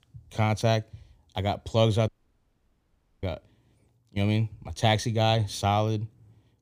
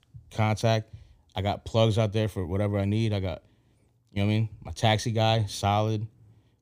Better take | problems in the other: second | audio cutting out; at 2 s for 1 s

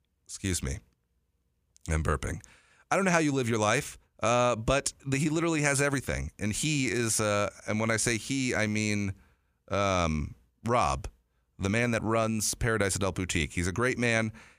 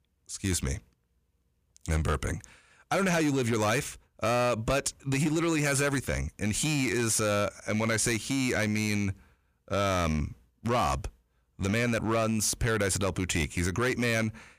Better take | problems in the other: first | distortion; slight; 9% of the sound clipped

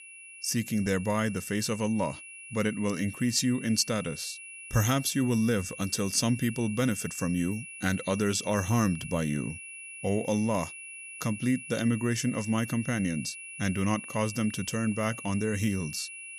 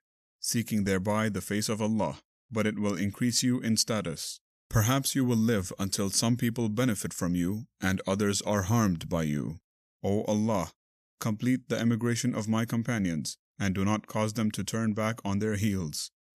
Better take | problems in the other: second | high-pitched whine; noticeable; throughout; 2.5 kHz, 10 dB below the speech

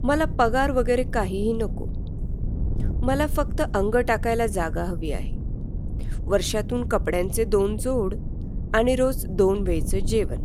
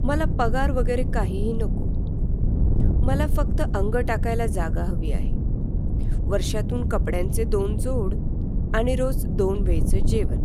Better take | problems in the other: first | wind noise on the microphone; heavy; 9 dB below the speech; occasional gusts in the first

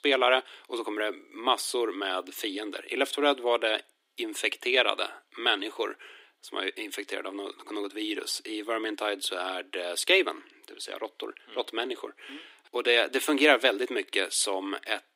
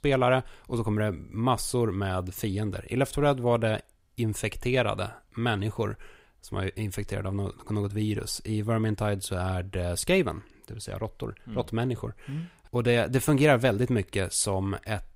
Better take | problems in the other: second | thin; somewhat; fading below 300 Hz

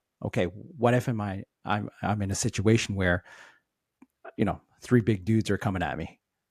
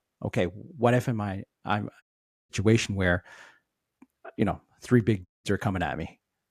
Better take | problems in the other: first | audio cutting out; at 2 s and at 5.5 s

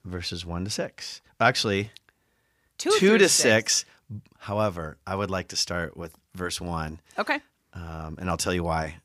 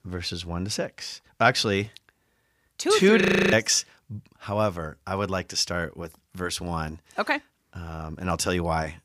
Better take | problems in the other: first | audio freezing; at 3 s

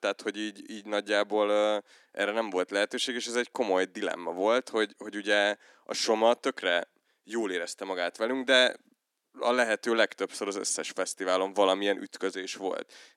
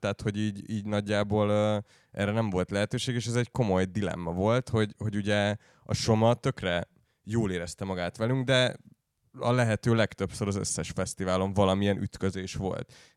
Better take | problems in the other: second | thin; somewhat; fading below 250 Hz

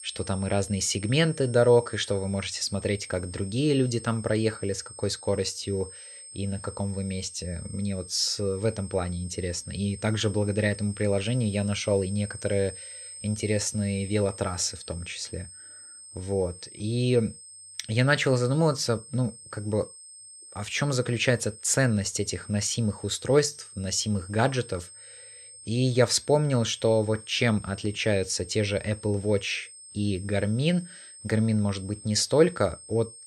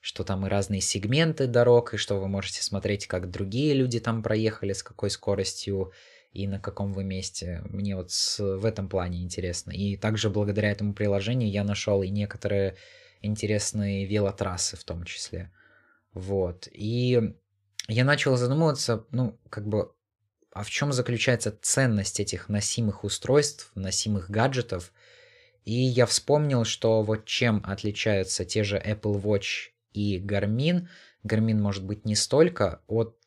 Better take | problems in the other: second | high-pitched whine; noticeable; throughout; 8.5 kHz, 15 dB below the speech

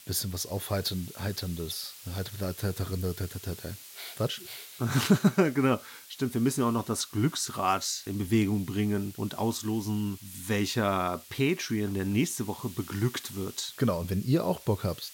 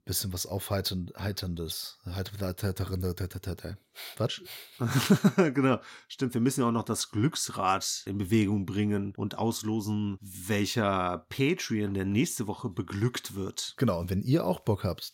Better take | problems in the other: second | hiss; noticeable; throughout; 15 dB below the speech

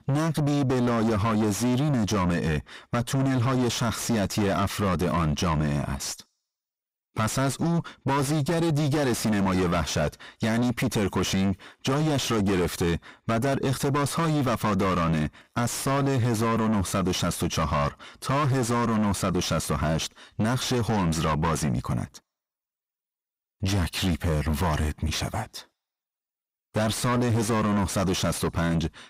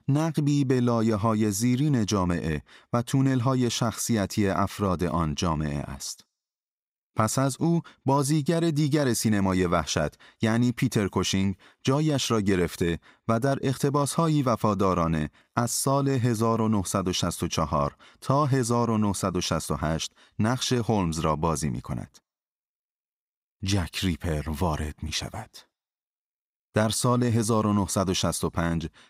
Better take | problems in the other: second | distortion; heavy; 5 dB below the speech

